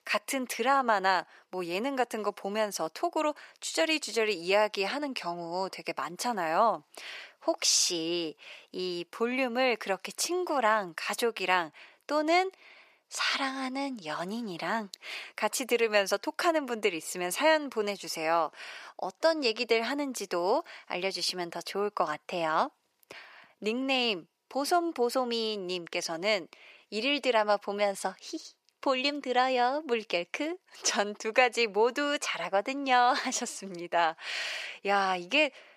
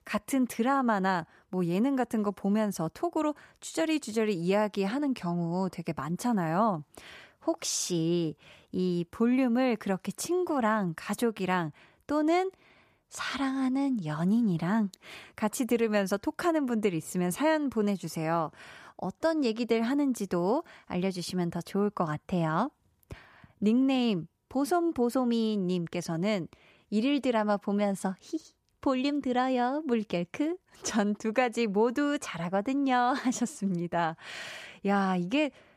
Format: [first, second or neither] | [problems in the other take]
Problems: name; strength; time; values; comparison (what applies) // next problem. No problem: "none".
second | thin; somewhat; fading below 500 Hz